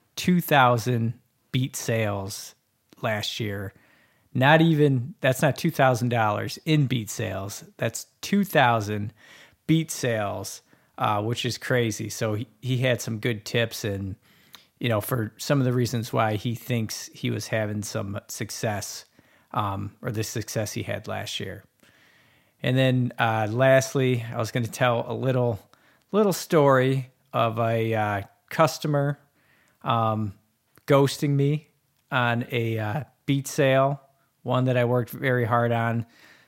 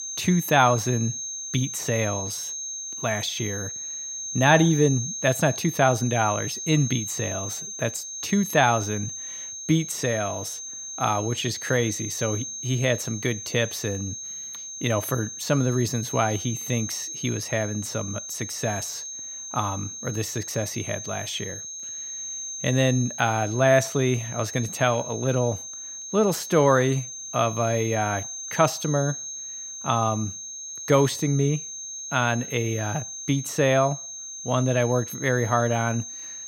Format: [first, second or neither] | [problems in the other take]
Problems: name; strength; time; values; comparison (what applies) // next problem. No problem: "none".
first | high-pitched whine; loud; throughout; 6.5 kHz, 7 dB below the speech